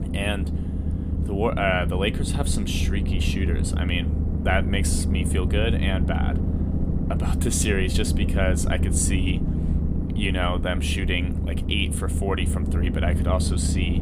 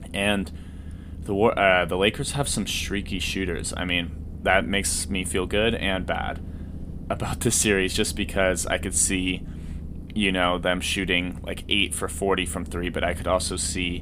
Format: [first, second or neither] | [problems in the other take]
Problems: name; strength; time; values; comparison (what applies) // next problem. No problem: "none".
second | low rumble; loud; throughout; 8 dB below the speech; faint in the second